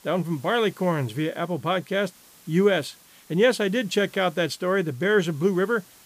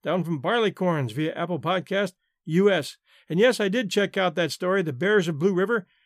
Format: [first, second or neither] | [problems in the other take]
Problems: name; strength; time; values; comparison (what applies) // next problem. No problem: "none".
second | hiss; faint; throughout; 25 dB below the speech